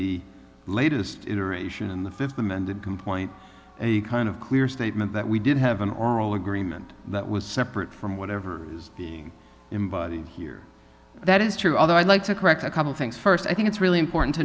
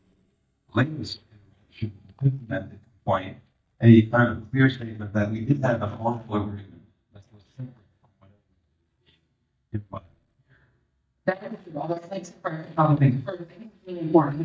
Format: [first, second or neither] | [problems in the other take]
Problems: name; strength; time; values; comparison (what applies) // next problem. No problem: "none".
first | noise reduction (neural mask model DeepFilterNet 3)